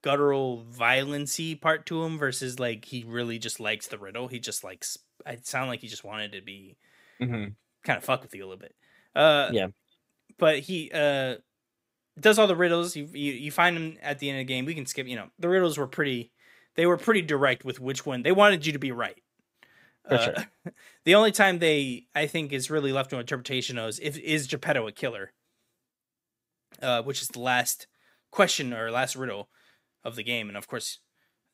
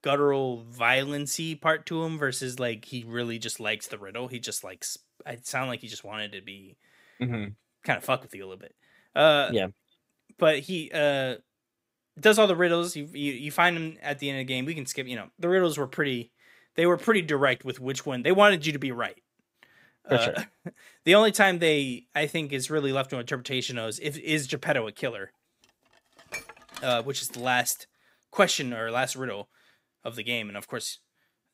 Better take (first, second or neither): first